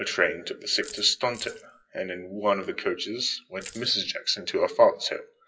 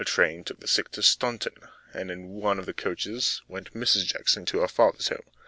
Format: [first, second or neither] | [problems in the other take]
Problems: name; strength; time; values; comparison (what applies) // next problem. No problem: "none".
second | noise reduction (classical method WPE with log-MMSE)